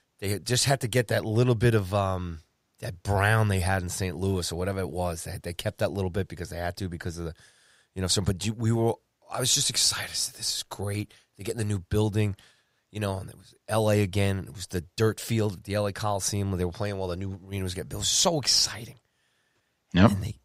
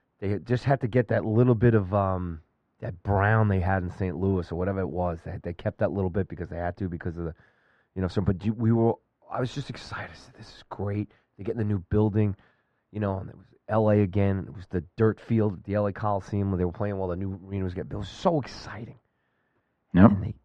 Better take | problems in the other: first | muffled; very; fading above 1.5 kHz

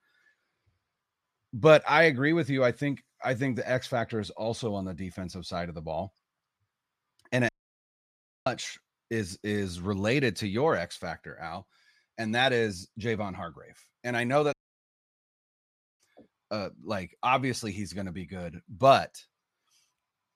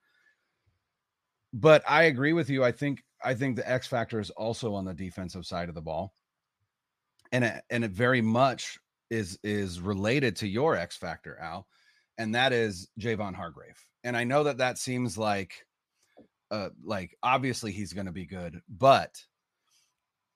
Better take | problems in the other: second | audio cutting out; at 7.5 s for 1 s and at 15 s for 1.5 s

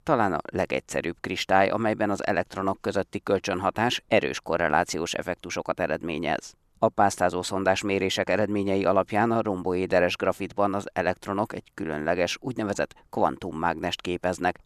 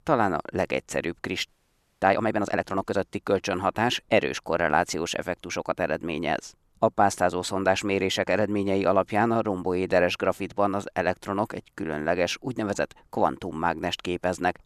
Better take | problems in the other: first | audio freezing; at 1.5 s for 0.5 s

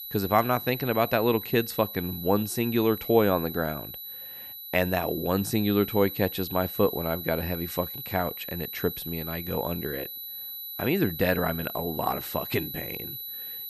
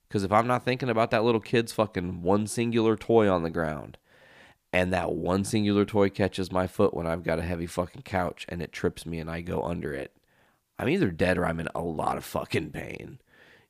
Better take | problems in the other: second | high-pitched whine; loud; throughout; 12 kHz, 8 dB below the speech

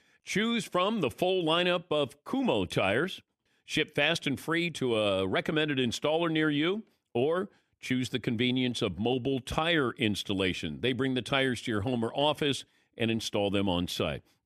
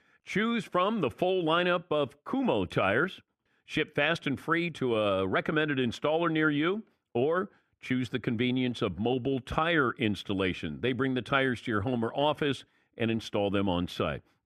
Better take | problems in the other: first | muffled; slightly; fading above 3.5 kHz

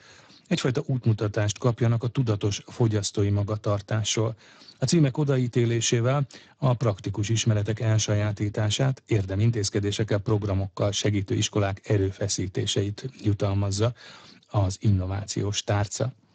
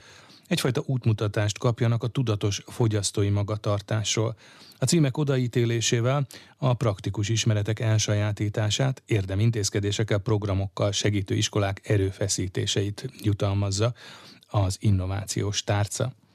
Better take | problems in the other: second | garbled, watery; badly; nothing above 7.5 kHz

